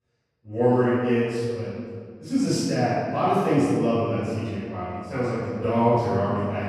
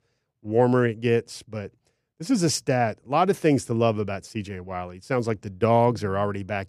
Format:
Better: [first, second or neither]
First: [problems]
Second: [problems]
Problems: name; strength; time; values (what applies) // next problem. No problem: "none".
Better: second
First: off-mic speech; far // room echo; strong; dies away in 1.9 s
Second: none